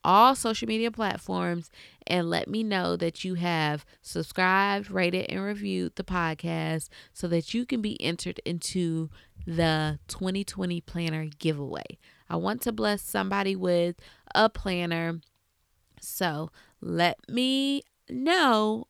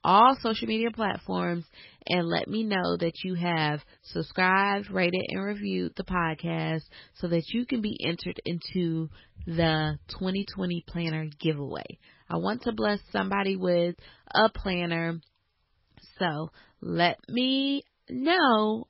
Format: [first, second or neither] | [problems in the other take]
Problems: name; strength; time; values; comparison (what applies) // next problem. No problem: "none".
first | garbled, watery; badly; nothing above 5 kHz